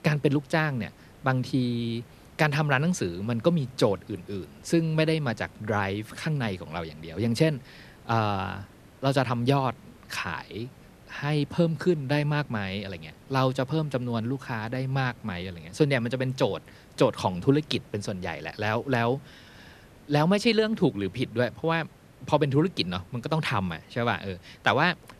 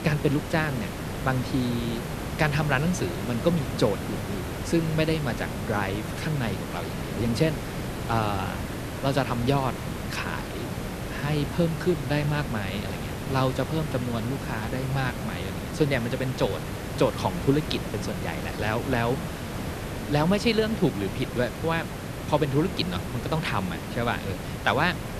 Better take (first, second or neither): first